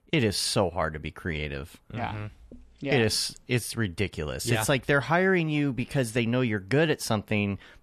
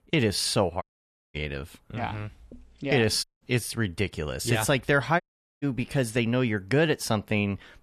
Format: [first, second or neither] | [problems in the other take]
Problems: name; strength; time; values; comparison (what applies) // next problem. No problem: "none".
first | audio cutting out; at 1 s for 0.5 s, at 3 s and at 5 s